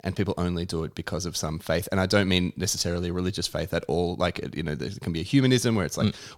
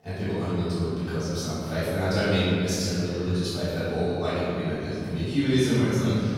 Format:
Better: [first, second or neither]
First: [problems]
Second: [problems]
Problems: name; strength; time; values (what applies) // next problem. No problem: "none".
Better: first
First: none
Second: room echo; strong; dies away in 2.3 s // off-mic speech; far